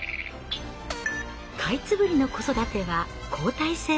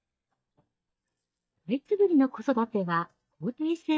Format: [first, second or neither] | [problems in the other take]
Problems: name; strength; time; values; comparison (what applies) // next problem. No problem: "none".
first | noise reduction (neural mask model DeepFilterNet 3)